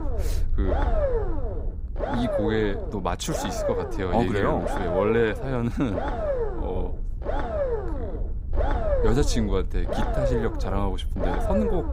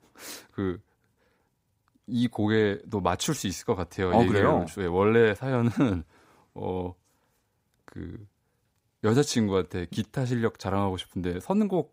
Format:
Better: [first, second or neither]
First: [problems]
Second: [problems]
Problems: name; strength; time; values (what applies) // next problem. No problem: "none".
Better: second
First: low rumble; loud; throughout; 1 dB below the speech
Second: none